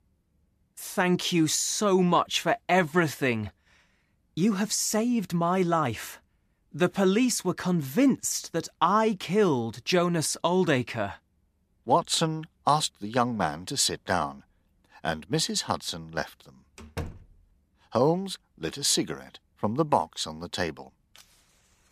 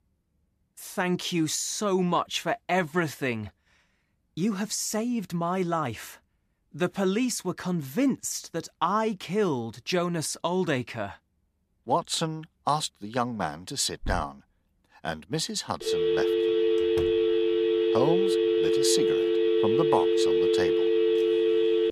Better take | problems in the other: first | footsteps; noticeable; at 14 s; peak 8 dB below the speech // phone ringing; loud; from 16 s on; peak 6 dB above the speech

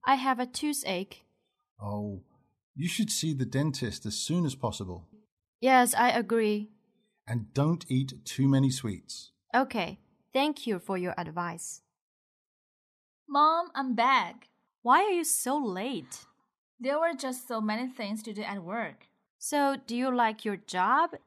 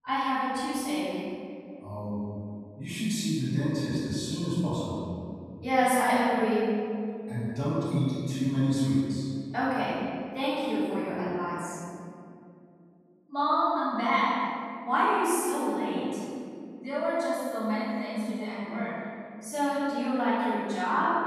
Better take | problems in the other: first | off-mic speech; far // room echo; strong; dies away in 2.3 s

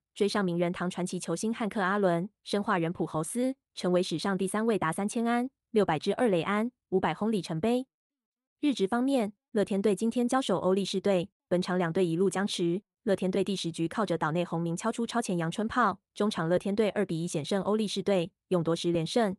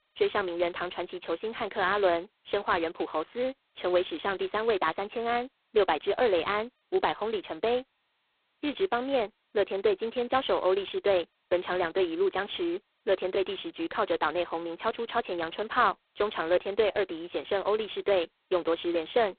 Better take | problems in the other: first | phone-call audio; poor line; nothing above 4 kHz

